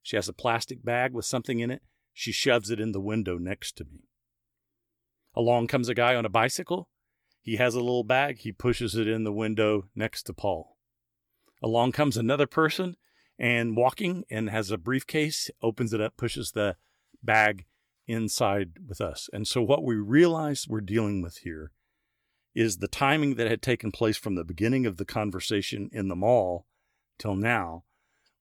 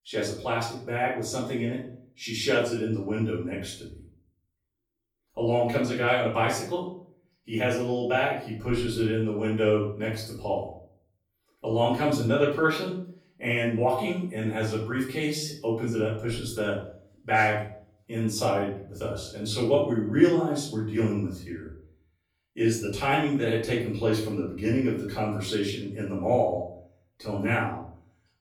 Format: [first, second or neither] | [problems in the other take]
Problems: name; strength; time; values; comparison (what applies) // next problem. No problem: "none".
first | off-mic speech; far // room echo; noticeable; dies away in 0.5 s